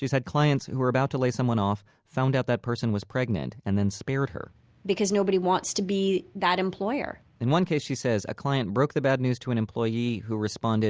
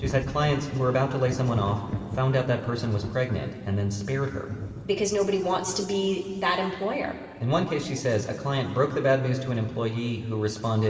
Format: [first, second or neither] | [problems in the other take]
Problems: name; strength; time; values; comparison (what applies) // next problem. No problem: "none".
first | background sound (Thunder / Rain); 13 dB below the speech // room echo; dies away in 2.5 s